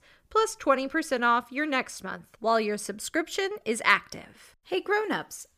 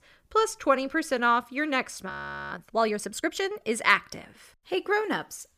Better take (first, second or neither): first